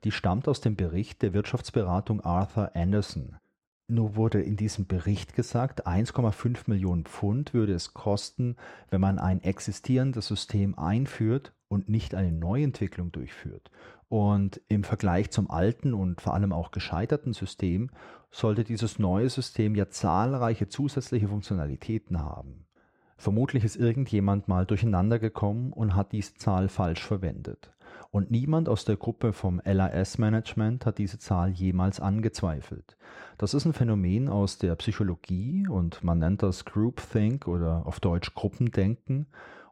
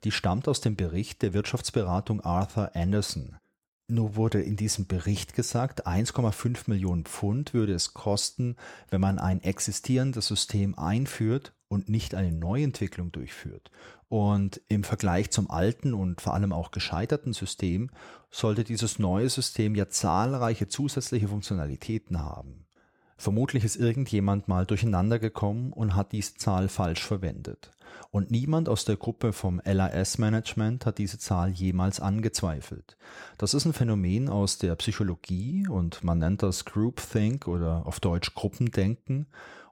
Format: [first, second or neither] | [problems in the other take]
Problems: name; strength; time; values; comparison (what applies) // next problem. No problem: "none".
second | muffled; slightly; fading above 2 kHz